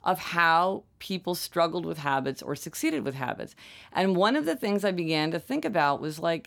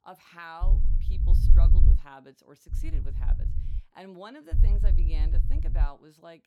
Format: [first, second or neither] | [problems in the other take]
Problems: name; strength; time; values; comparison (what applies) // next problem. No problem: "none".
first | low rumble; loud; from 0.5 to 2 s, from 2.5 to 4 s and from 4.5 to 6 s; 2 dB below the speech